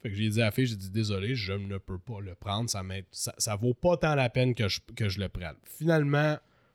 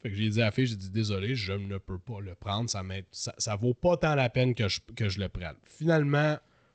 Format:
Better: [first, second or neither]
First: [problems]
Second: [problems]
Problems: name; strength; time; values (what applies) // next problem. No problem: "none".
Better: first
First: none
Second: garbled, watery; slightly; nothing above 7.5 kHz